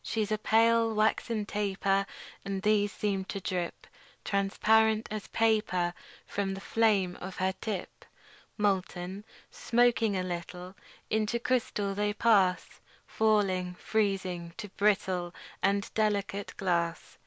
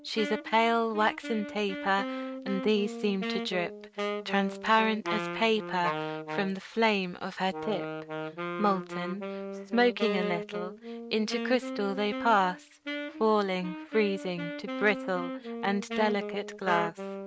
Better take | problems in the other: first | noise reduction (neural mask model RNNoise)

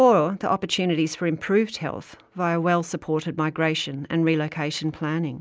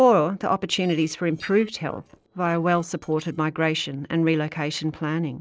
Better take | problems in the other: first | noise reduction (neural separator model SepFormer DNS4)

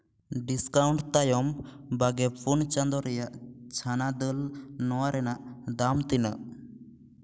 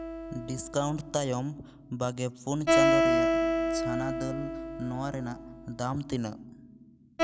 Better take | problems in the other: first | background sound (Acoustic guitar); 4 dB above the speech

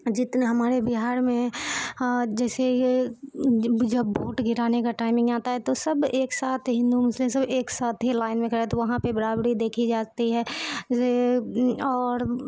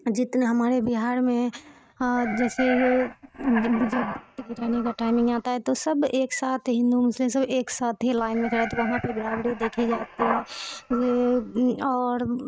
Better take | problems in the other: first | noise reduction (neural mask model RNNoise)

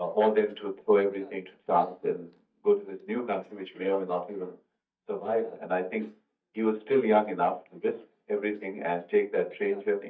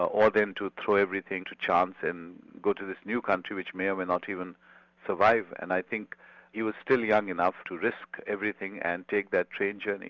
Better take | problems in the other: second | noise reduction (neural mask model DeepFilterNet 3)

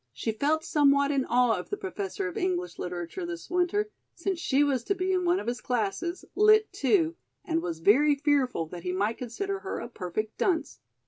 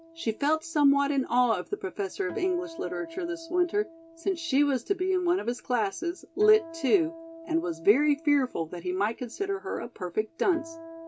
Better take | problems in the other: first | background sound (Acoustic guitar); 19 dB below the speech

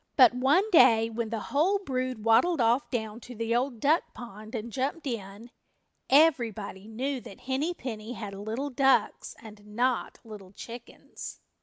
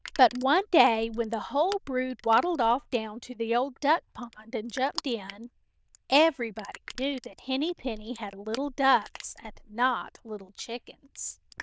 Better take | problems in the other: first | noise reduction (neural diffusion model UNIVERSE++)

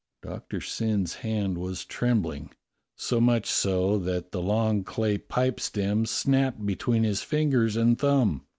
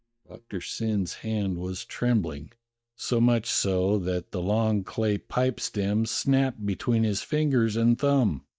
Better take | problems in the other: first | noise reduction (neural mask model DeepFilterNet 3)

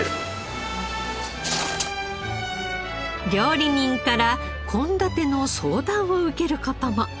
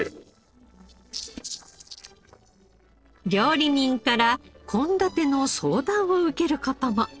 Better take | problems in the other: first | noise reduction (neural separator model SepFormer DNS4)

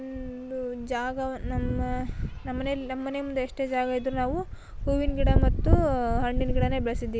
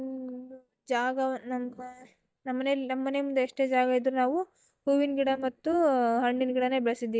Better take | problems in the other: first | noise reduction (neural mask model DeepFilterNet 3)

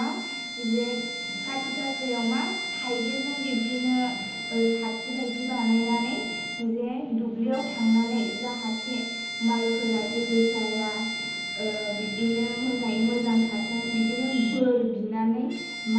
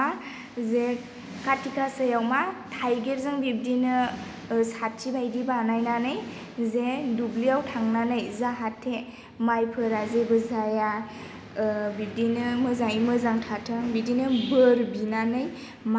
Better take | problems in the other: second | background sound (Bowed string instrument); 7 dB below the speech // room echo; dies away in 1.3 s

